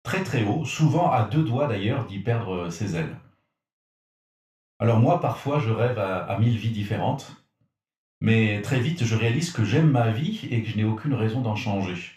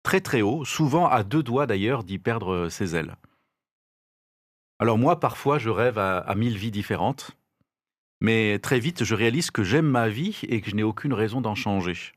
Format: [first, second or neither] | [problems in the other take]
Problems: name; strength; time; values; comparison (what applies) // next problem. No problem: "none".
second | room echo; slight; dies away in 0.3 s // off-mic speech; somewhat distant